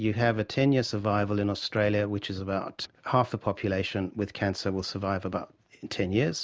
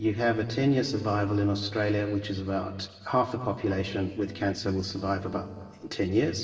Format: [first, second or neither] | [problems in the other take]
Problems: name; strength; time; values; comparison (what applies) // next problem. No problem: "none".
first | noise reduction (neural separator model SepFormer DNS4)